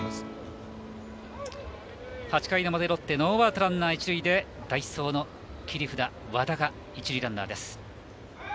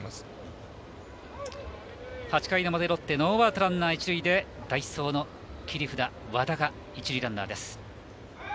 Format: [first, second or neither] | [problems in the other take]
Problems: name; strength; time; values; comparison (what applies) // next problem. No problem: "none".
second | background sound (Guitar); 18 dB below the speech